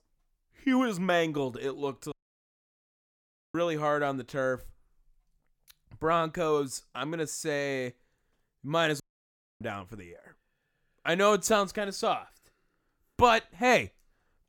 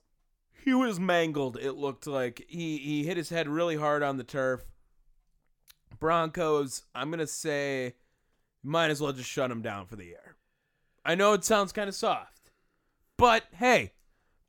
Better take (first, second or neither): second